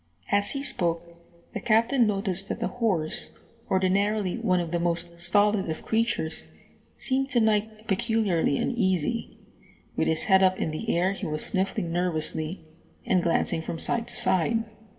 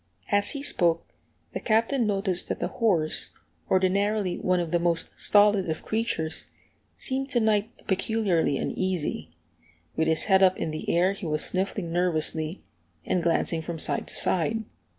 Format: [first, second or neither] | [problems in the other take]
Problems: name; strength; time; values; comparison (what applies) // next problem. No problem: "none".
second | room echo; dies away in 0.4 s